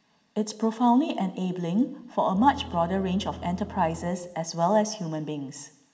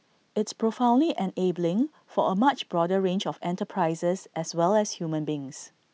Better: second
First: background sound (Bowed string instrument); 17 dB below the speech // room echo; dies away in 1 s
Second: none

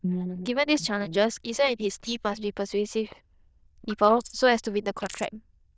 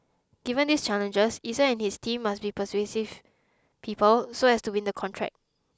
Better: second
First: noise reduction (neural diffusion model UNIVERSE++)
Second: none

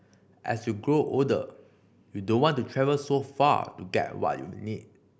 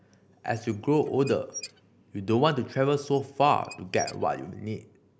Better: first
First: none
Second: background sound (Squeak / Dishes, pots, and pans); 19 dB below the speech

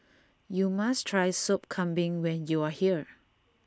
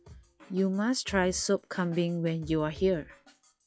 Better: first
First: none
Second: noise reduction (classical method log-MMSE)

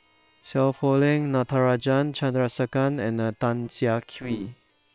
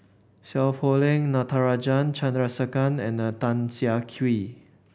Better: second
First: noise reduction (neural separator model SepFormer WHAM!)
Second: none

